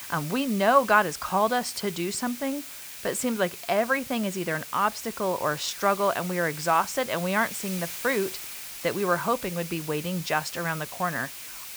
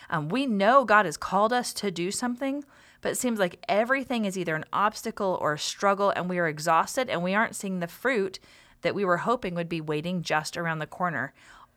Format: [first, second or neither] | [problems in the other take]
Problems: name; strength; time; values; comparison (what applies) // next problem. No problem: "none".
second | hiss; loud; throughout; 10 dB below the speech